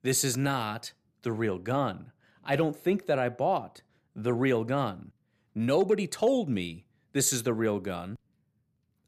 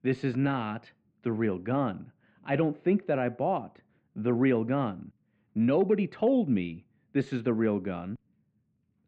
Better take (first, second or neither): first